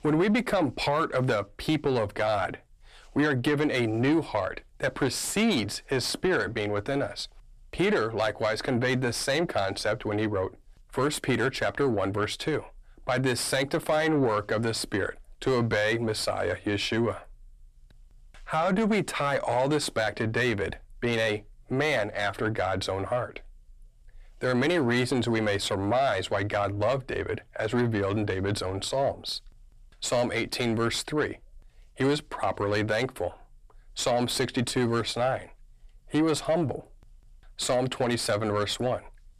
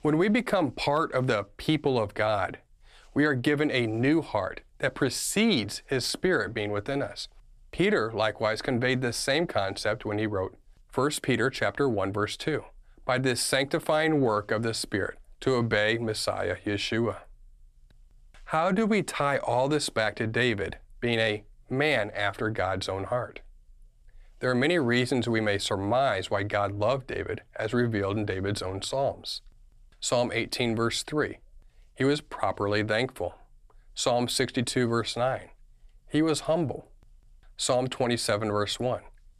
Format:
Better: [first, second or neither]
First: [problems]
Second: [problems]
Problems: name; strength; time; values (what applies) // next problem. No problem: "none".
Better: second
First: distortion; slight; 10 dB below the speech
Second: none